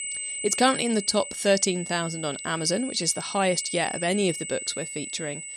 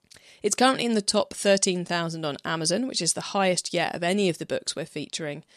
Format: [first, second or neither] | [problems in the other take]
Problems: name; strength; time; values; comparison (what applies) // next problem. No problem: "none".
second | high-pitched whine; loud; throughout; 8 kHz, 7 dB below the speech